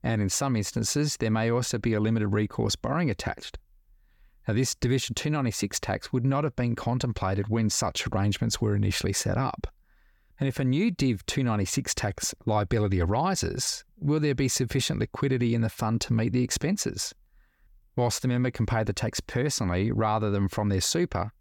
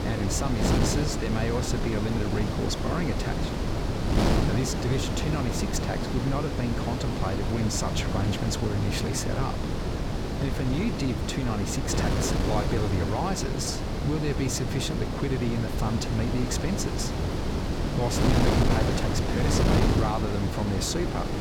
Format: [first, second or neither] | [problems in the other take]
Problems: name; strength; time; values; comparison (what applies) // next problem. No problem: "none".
first | wind noise on the microphone; heavy; 1 dB above the speech